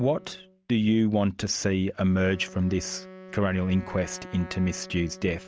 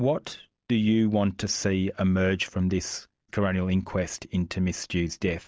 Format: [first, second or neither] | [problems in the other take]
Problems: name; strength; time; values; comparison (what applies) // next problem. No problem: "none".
second | background sound (Wind instrument, woodwind instrument); 19 dB below the speech